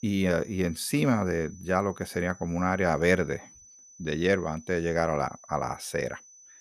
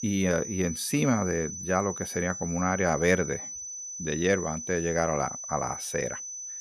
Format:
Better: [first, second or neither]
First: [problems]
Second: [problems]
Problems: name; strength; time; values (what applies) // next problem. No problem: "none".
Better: first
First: high-pitched whine; faint; throughout; 6 kHz, 20 dB below the speech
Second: high-pitched whine; loud; throughout; 6 kHz, 7 dB below the speech